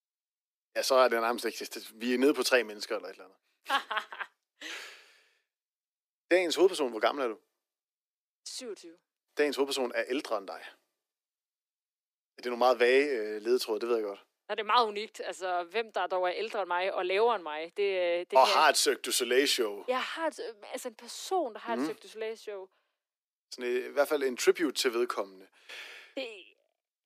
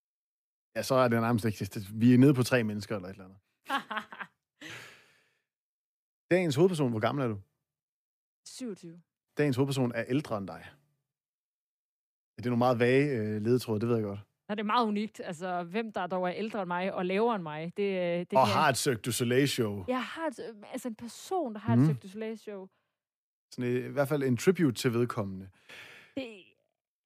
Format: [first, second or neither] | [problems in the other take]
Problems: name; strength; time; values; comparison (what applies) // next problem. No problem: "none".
second | thin; somewhat; fading below 350 Hz